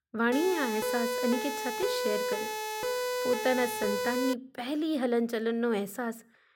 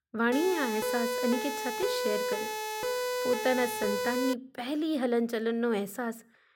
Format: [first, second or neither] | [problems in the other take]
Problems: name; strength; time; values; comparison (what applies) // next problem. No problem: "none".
neither | siren; loud; until 4.5 s; peak level with the speech; the same in both